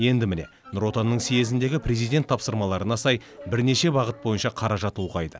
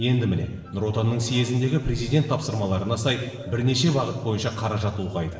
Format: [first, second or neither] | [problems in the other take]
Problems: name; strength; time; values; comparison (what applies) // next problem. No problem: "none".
first | room echo; dies away in 1.1 s